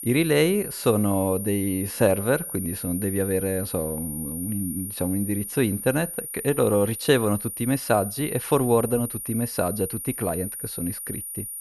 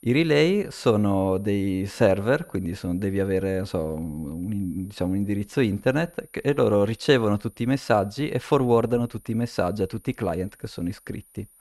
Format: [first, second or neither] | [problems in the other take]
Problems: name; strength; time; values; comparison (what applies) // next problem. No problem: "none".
second | high-pitched whine; loud; throughout; 9.5 kHz, 7 dB below the speech; faint in the second